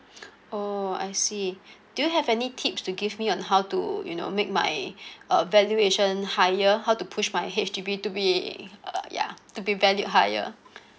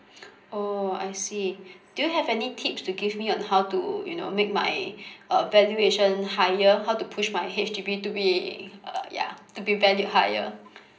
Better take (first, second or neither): first